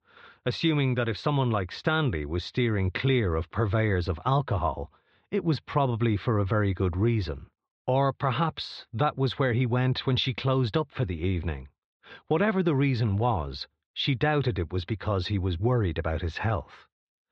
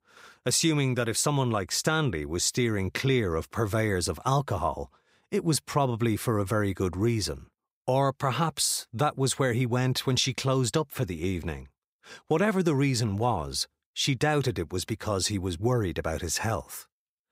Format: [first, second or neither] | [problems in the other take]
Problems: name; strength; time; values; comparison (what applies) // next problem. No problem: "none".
second | muffled; slightly; fading above 4 kHz